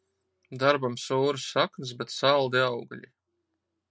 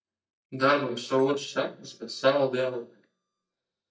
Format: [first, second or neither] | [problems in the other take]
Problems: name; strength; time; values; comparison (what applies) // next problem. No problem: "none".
first | noise reduction (neural mask model DeepFilterNet 3)